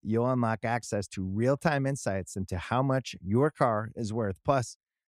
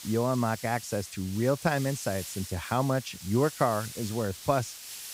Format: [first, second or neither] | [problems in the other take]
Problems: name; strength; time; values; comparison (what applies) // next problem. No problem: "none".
first | hiss; noticeable; throughout; 10 dB below the speech